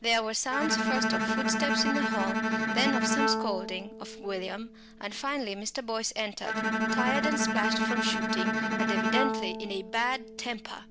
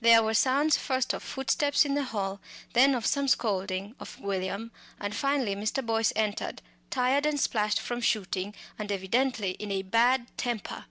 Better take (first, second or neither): second